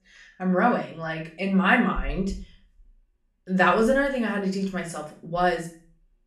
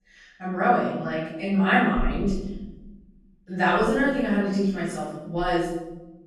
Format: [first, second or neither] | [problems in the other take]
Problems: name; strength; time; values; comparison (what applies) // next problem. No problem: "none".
first | room echo; strong; dies away in 1.1 s; slight in the first // off-mic speech; far; somewhat distant in the first